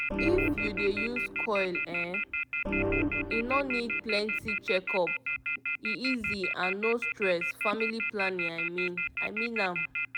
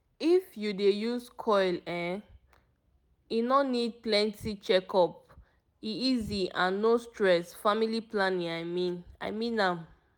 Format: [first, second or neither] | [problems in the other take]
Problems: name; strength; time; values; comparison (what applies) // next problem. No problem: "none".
second | background sound (Organ + Telephone); 1 dB above the speech